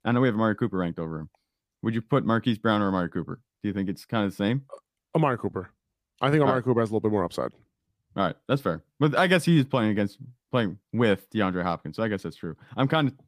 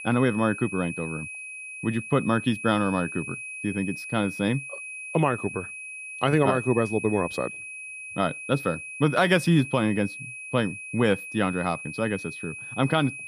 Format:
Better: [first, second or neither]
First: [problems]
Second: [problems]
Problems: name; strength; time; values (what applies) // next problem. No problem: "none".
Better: first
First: none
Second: high-pitched whine; loud; throughout; 2.5 kHz, 9 dB below the speech